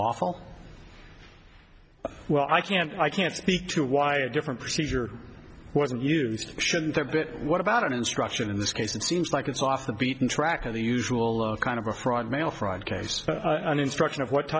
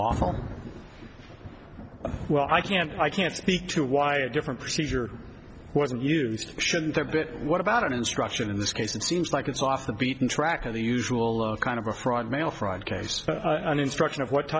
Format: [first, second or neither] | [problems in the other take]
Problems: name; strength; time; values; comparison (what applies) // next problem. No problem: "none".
first | background sound (Thunder); 15 dB below the speech